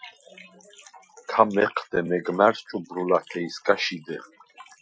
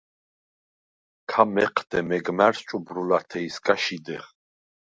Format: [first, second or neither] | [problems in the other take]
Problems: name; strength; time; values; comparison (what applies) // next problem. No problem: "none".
second | noise reduction (classical method Wiener filter)